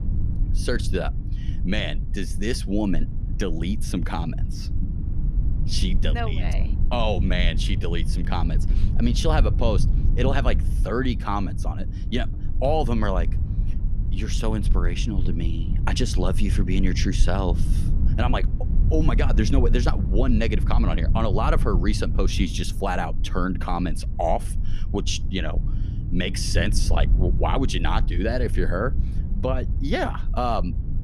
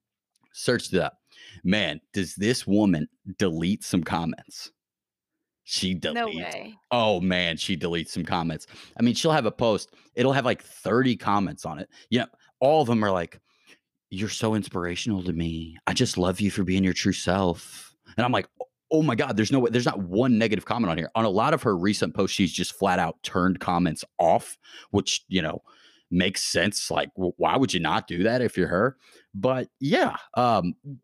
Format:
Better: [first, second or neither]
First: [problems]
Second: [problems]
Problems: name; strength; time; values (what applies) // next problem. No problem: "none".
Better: second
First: low rumble; noticeable; throughout; 15 dB below the speech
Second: none